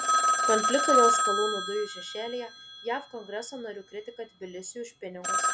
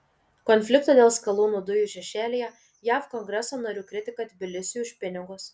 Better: second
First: background sound (Telephone); 3 dB above the speech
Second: none

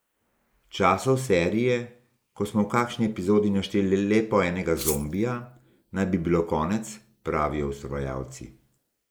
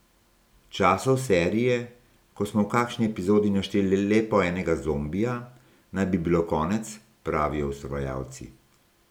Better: second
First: noise reduction (neural mask model Resemble Enhance denoiser)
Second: none

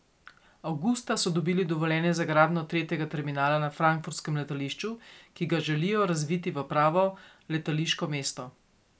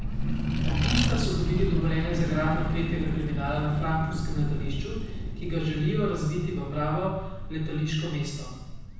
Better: first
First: none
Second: background sound (Accelerating, revving, vroom); as loud as the speech // room echo; dies away in 1.1 s

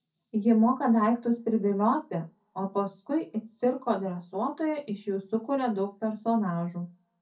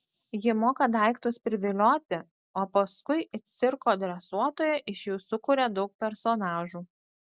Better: second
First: room echo; dies away in 0.3 s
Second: none

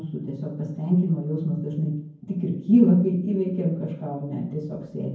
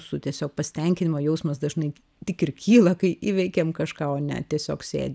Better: second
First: room echo; dies away in 0.9 s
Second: none

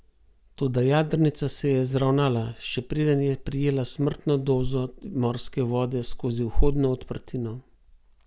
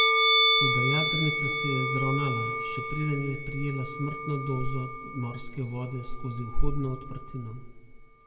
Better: first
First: none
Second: background sound (Musical instrument); 1 dB above the speech // room echo; dies away in 1.7 s

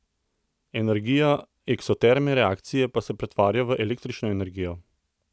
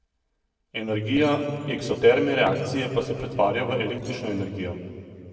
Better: first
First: none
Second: noise reduction (neural separator model SepFormer DNS4)

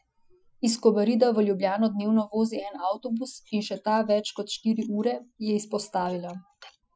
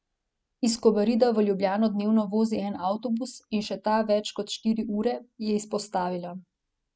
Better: second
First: noise reduction (classical method Wiener filter)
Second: none

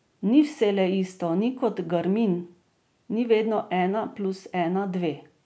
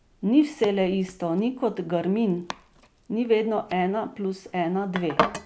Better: first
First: none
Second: background sound (Domestic sounds, home sounds); 10 dB below the speech

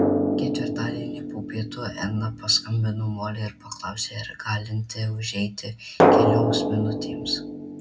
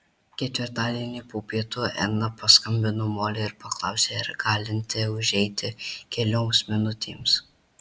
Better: second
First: background sound (Drum); 3 dB above the speech // room echo; dies away in 0.3 s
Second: none

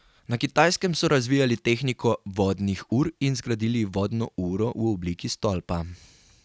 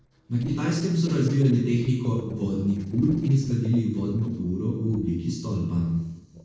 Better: first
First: none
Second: noise reduction (neural separator model SepFormer DNS4)

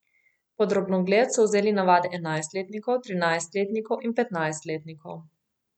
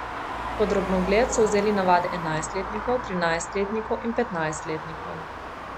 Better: first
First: none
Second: background sound (Traffic noise, roadway noise); 7 dB below the speech

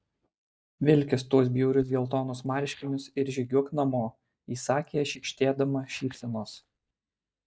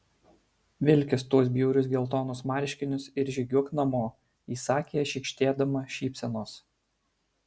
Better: second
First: noise reduction (neural mask model DeepFilterNet 3)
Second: none

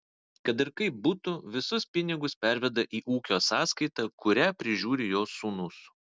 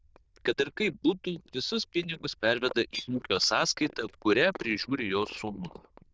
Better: first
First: none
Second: noise reduction (neural diffusion model UNIVERSE++)

